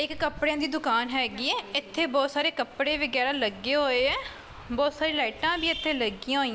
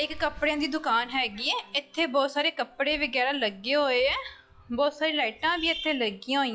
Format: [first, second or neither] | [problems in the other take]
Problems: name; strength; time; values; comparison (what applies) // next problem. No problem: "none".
first | noise reduction (classical method log-MMSE)